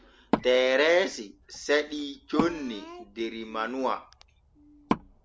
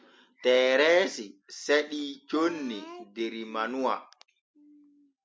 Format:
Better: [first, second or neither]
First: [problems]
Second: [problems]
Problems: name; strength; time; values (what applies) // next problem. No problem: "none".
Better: second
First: background sound (Wood); 8 dB below the speech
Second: none